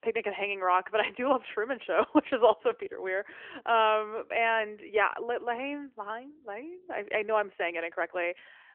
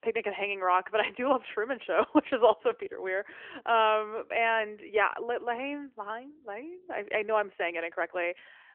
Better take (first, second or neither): neither